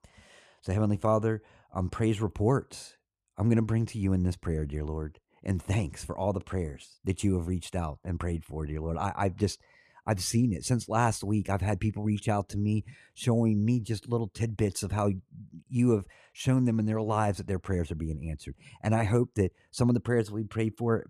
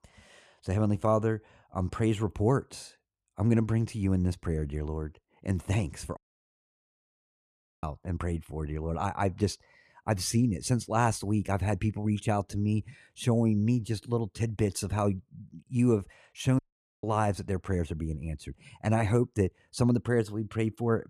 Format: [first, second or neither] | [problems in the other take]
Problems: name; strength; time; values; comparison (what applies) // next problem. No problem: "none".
first | audio cutting out; at 6 s for 1.5 s and at 17 s